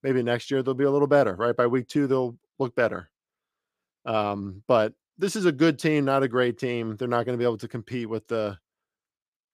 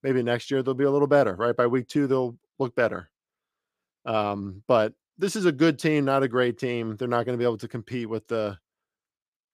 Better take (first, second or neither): neither